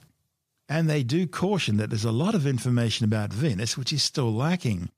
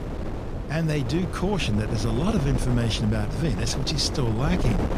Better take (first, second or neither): first